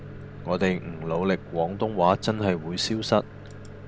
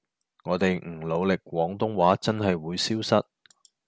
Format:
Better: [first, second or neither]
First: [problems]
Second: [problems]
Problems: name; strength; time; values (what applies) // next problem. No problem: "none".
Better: second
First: background sound (Microwave oven); 14 dB below the speech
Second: none